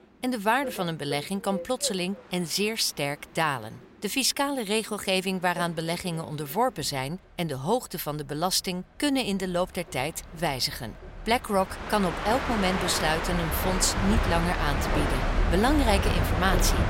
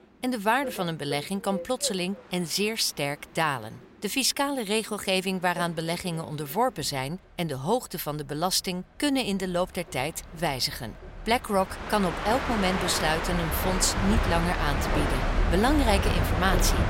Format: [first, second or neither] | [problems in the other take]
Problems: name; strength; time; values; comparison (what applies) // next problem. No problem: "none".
neither | train or aircraft noise; loud; throughout; 2 dB below the speech; the same in both